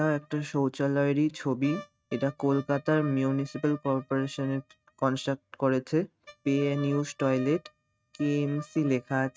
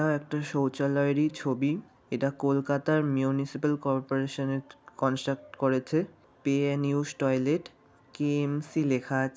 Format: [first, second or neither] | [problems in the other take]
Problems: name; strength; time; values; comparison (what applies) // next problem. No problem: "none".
second | noise reduction (neural mask model RNNoise)